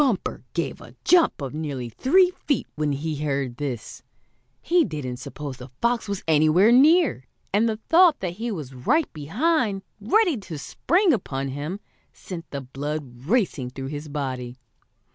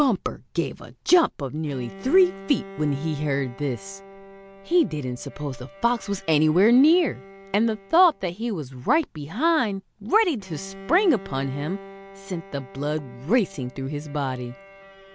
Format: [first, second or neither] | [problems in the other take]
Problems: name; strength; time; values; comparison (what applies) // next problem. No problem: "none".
first | background sound (Bowed string instrument); 19 dB below the speech